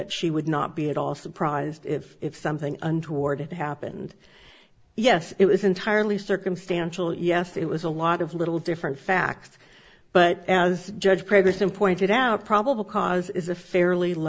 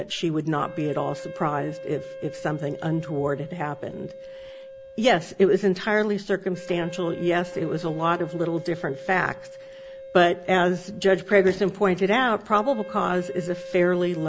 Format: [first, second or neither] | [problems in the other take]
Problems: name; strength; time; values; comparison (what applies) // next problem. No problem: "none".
first | background sound (Wind instrument, woodwind instrument); 15 dB below the speech